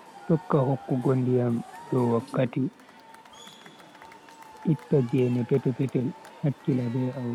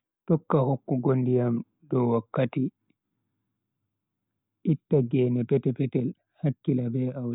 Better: second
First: background sound (Crowd / Cheering); 18 dB below the speech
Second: none

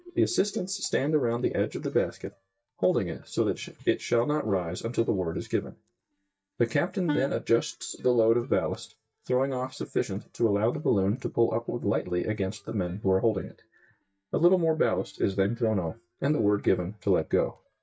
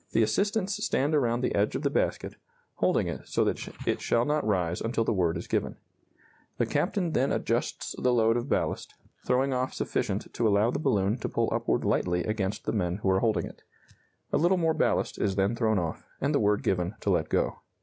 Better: second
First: noise reduction (neural mask model DeepFilterNet 3)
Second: none

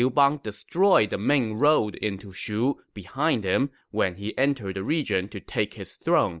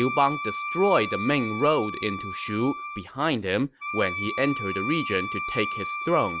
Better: first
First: none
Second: background sound (Wind instrument, woodwind instrument); 6 dB below the speech

